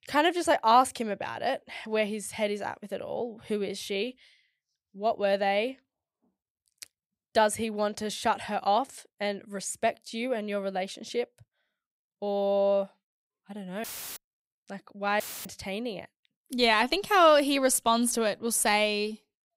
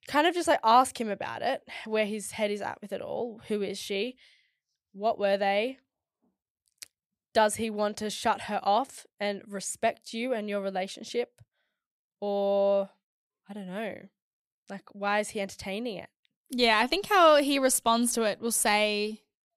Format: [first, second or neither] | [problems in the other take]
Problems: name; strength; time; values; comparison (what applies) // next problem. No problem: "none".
second | audio cutting out; filled with static; at 14 s and at 15 s